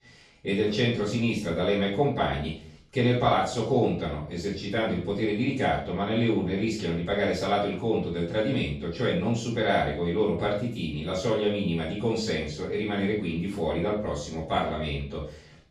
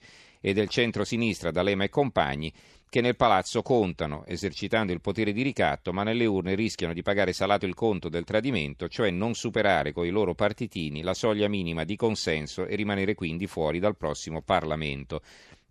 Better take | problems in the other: second | off-mic speech; far // room echo; noticeable; dies away in 0.4 s

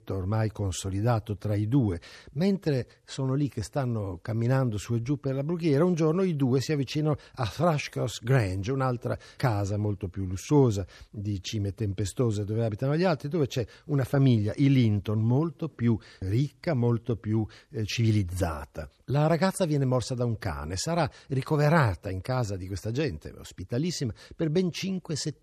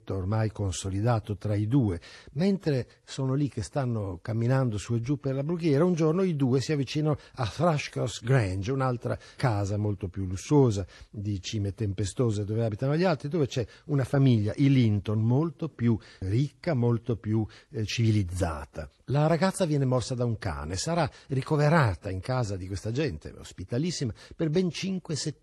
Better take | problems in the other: first | garbled, watery; slightly

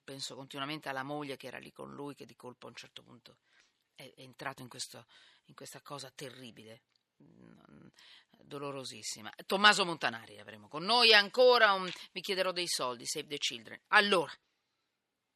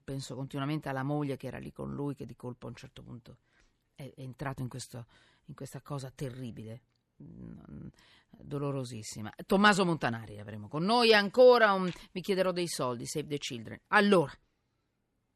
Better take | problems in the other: second | thin; somewhat; fading below 700 Hz

